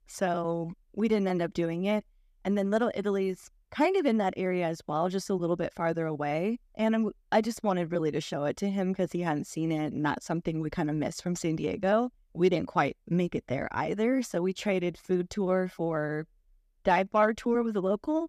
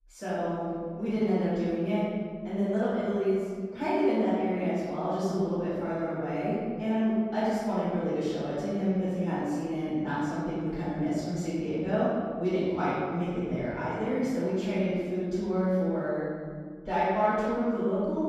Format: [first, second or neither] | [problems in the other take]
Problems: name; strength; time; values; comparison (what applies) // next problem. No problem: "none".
first | off-mic speech; far // room echo; strong; dies away in 1.9 s